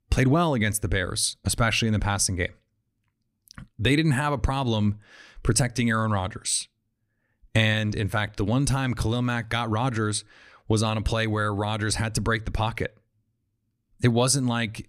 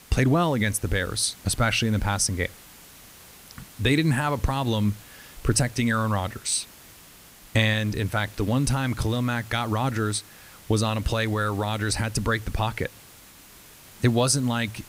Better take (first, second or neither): first